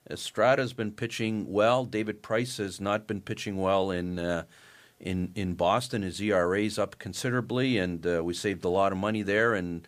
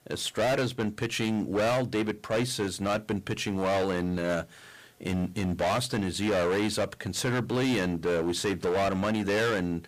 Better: first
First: none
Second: distortion; heavy; 18% of the sound clipped

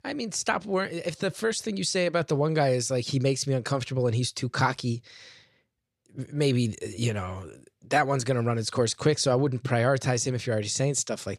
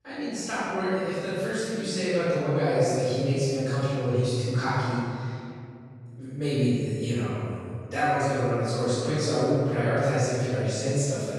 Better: first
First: none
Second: off-mic speech; far // room echo; strong; dies away in 2.3 s

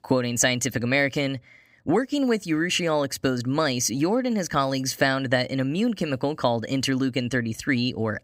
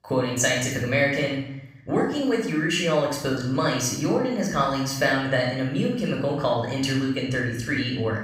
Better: first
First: none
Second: off-mic speech; somewhat distant // room echo; noticeable; dies away in 0.7 s

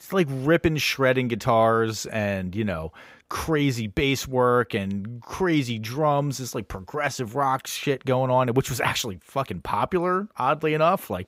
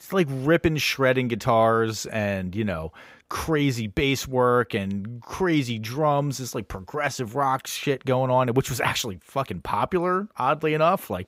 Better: neither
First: none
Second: none

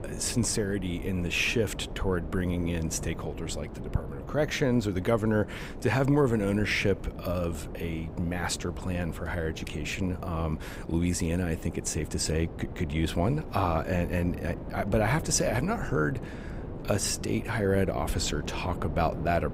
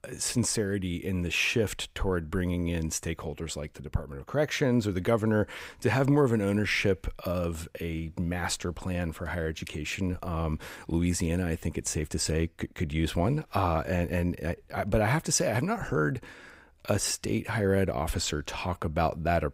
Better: second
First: wind noise on the microphone; occasional gusts; 15 dB below the speech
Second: none

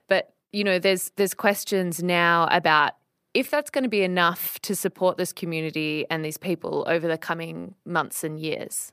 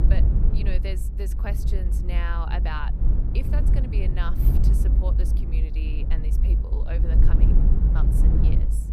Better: first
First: none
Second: low rumble; loud; throughout; 2 dB below the speech

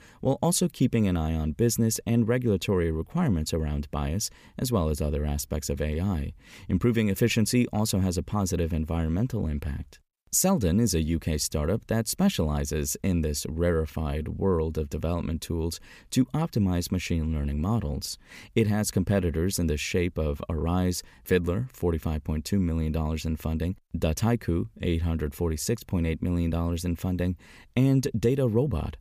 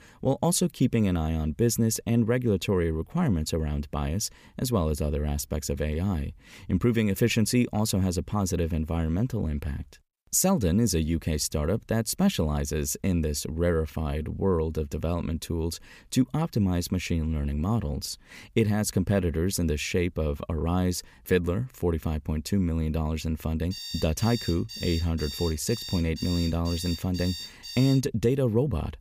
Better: first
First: none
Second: alarm; noticeable; from 24 to 28 s; peak 8 dB below the speech

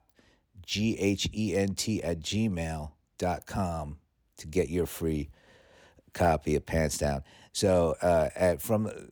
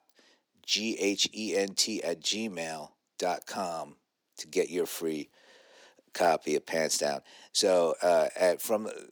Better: first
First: none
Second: thin; somewhat; fading below 300 Hz

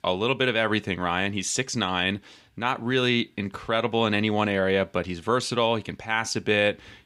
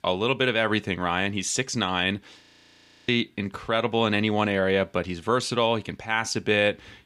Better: first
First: none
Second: audio freezing; at 2.5 s for 0.5 s

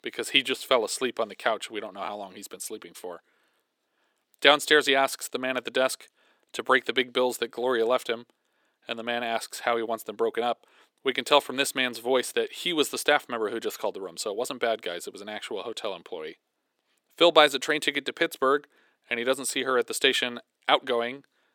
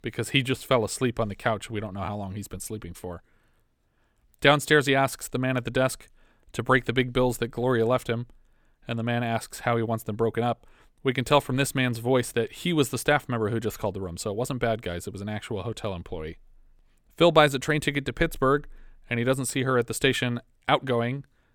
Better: second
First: thin; somewhat; fading below 350 Hz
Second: none

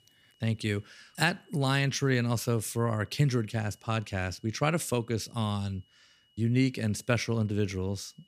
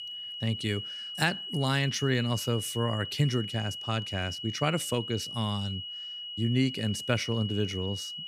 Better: first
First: high-pitched whine; faint; throughout; 3 kHz, 35 dB below the speech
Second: high-pitched whine; loud; throughout; 3 kHz, 6 dB below the speech

